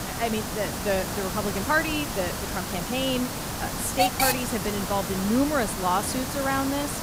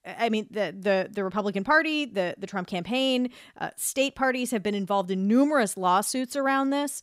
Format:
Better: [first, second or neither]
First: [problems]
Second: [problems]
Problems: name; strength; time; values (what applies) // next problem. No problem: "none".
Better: second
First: hiss; loud; throughout; 2 dB below the speech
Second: none